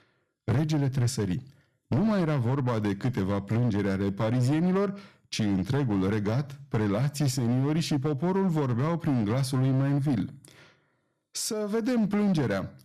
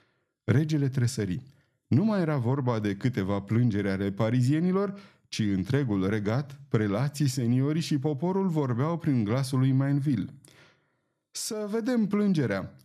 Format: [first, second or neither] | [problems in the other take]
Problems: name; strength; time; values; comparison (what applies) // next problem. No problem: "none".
second | distortion; slight; 13% of the sound clipped